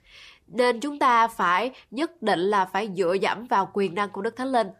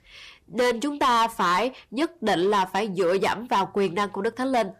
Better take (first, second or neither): first